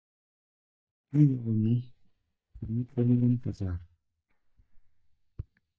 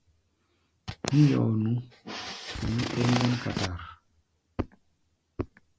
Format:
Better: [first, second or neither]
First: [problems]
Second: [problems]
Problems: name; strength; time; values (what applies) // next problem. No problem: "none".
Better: second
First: noise reduction (neural mask model DeepFilterNet 3)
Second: none